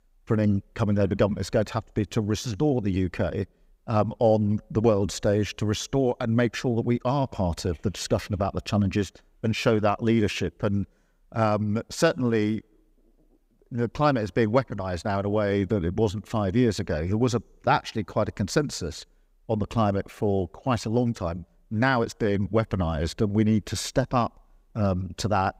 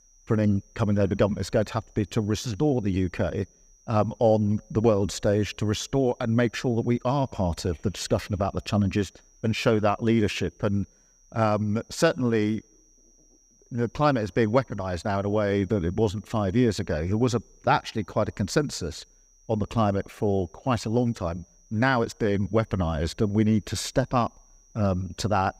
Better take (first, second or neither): first